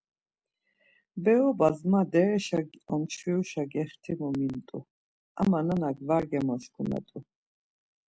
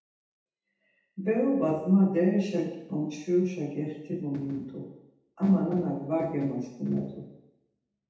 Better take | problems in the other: first | room echo; dies away in 0.8 s

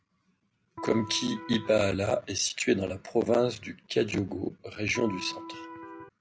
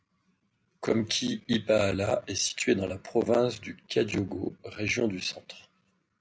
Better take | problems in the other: second | background sound (Electric guitar); 11 dB below the speech

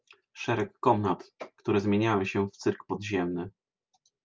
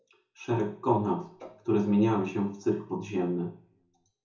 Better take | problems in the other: first | room echo; dies away in 0.5 s

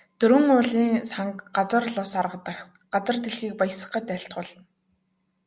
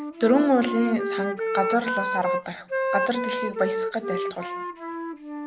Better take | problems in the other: first | background sound (Wind instrument, woodwind instrument); 2 dB below the speech

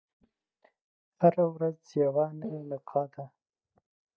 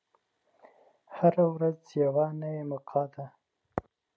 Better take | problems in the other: second | noise reduction (neural mask model DeepFilterNet 3)

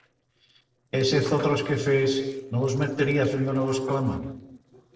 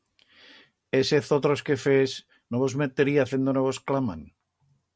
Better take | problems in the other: second | noise reduction (neural separator model SepFormer DNS4)

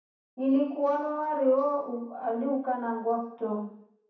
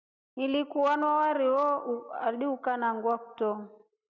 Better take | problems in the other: second | room echo; dies away in 0.6 s

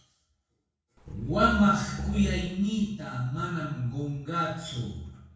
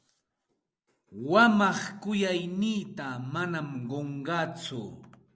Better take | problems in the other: second | background sound (Growling); 5 dB below the speech // room echo; dies away in 0.6 s

